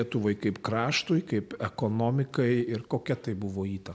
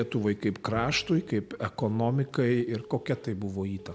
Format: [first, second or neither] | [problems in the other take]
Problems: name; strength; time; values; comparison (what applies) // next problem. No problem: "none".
first | background sound (Telephone + Bowed string instrument); 20 dB below the speech